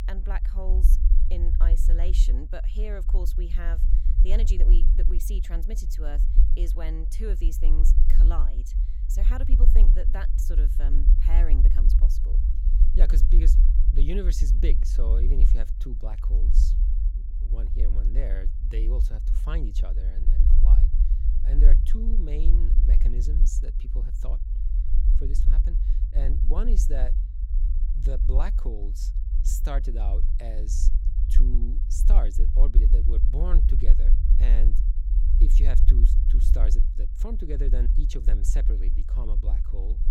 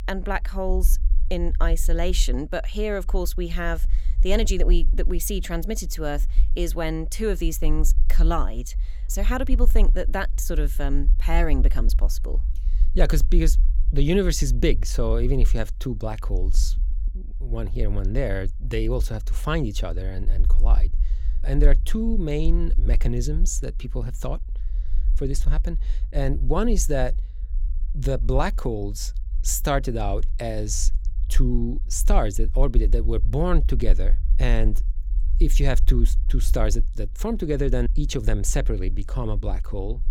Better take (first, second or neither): second